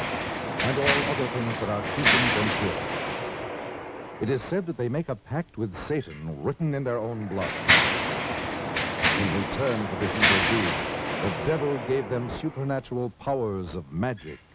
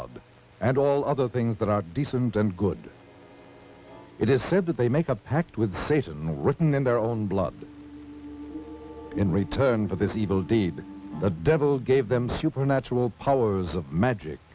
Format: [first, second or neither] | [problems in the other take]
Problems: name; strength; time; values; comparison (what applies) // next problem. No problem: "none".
second | background sound (Mechanisms); 1 dB above the speech